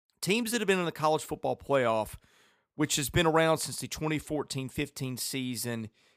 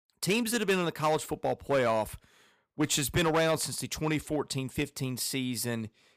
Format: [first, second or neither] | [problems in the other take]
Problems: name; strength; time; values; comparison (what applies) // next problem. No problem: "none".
first | distortion; slight; 4% of the sound clipped